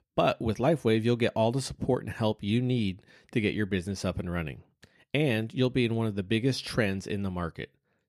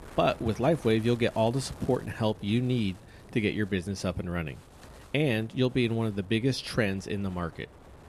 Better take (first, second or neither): first